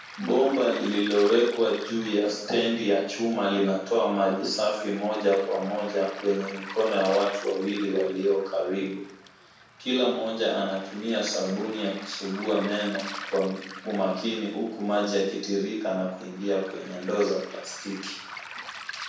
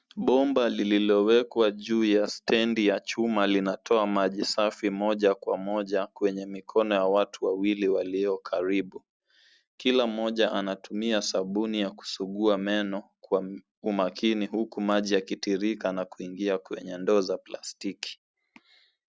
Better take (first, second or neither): second